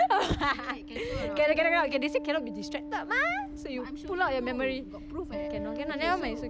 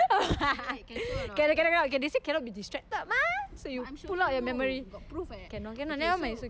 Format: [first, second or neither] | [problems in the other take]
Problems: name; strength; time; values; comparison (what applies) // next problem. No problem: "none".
second | background sound (Acoustic guitar); 9 dB below the speech